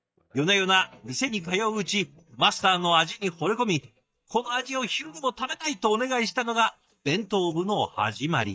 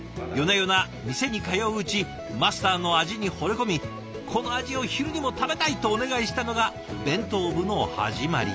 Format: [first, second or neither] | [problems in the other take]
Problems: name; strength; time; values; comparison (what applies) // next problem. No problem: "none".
second | noise reduction (neural mask model DeepFilterNet 3)